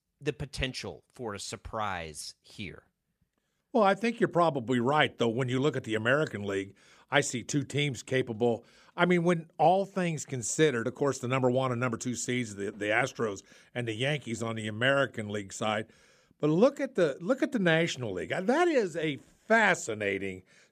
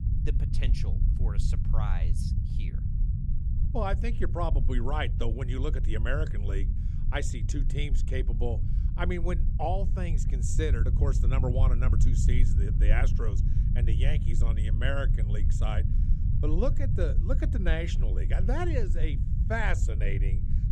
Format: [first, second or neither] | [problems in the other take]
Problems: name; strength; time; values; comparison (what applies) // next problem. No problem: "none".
first | low rumble; loud; throughout; 8 dB below the speech